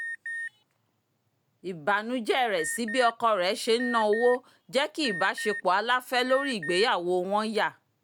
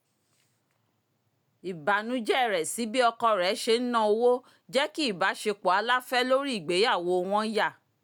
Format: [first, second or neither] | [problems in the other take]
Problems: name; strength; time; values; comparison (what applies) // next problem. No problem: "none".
second | background sound (Alarm); 12 dB below the speech